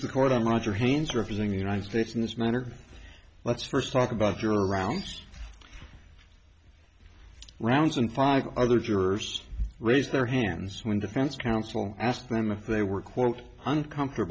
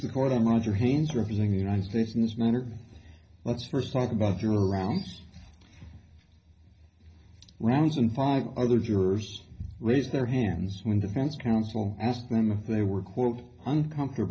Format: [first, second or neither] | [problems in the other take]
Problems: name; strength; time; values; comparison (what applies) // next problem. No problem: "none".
first | room echo; dies away in 0.5 s